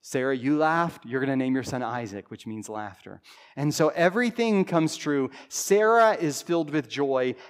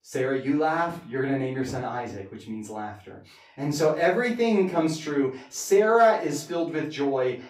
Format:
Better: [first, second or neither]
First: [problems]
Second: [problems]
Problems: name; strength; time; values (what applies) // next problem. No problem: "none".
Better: first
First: none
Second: room echo; slight; dies away in 0.3 s // off-mic speech; far